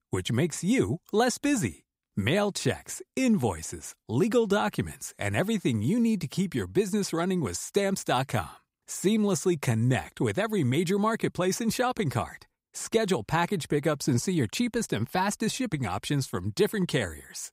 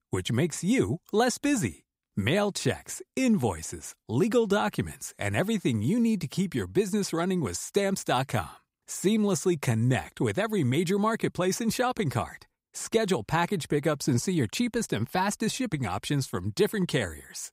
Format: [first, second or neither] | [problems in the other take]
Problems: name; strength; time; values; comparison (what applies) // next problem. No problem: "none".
neither | none